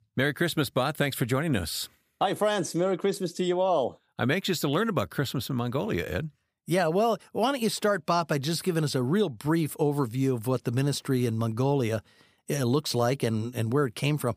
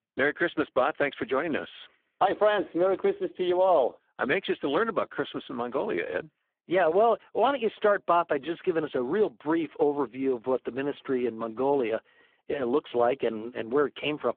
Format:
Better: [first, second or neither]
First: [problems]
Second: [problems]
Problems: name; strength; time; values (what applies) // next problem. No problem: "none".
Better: first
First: none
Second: phone-call audio; poor line